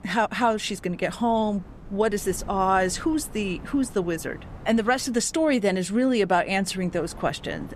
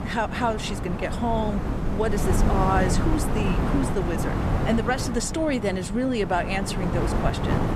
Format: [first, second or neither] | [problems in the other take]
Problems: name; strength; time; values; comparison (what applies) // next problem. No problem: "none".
first | wind noise on the microphone; heavy; 4 dB below the speech; occasional gusts in the first